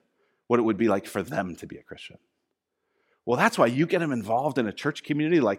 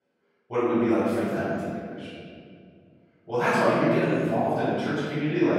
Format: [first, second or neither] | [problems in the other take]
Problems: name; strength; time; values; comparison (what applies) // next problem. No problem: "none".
first | room echo; strong; dies away in 2 s // off-mic speech; far